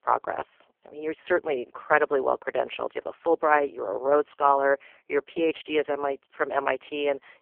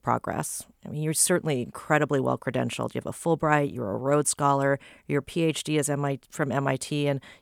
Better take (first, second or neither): second